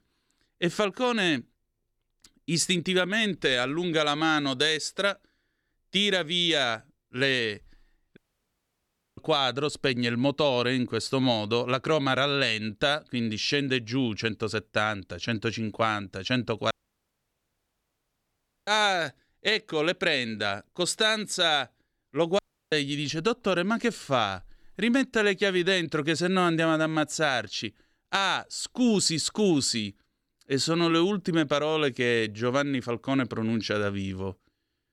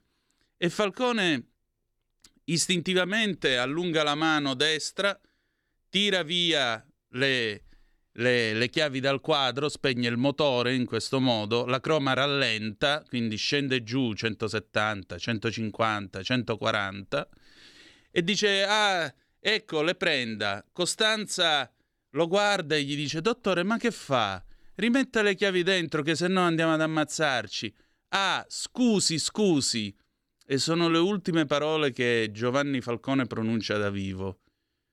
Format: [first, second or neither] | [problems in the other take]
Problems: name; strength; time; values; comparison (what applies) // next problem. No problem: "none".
second | audio cutting out; at 8 s for 1 s, at 17 s for 2 s and at 22 s